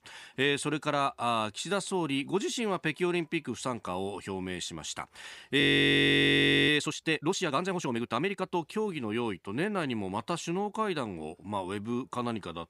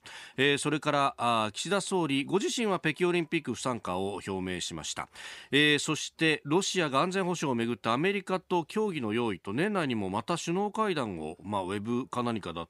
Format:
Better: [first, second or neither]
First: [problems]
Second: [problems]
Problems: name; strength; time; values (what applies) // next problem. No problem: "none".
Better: second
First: audio freezing; at 5.5 s for 1 s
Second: none